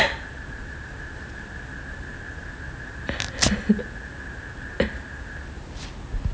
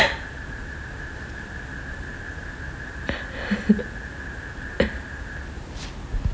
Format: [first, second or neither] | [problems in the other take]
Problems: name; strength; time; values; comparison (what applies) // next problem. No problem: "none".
second | background sound (Tearing); 6 dB below the speech